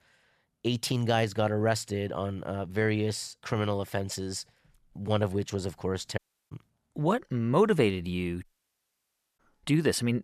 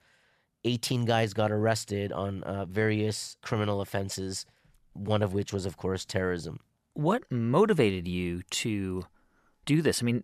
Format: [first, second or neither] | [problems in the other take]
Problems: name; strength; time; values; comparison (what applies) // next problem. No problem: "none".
second | audio cutting out; at 6 s and at 8.5 s for 1 s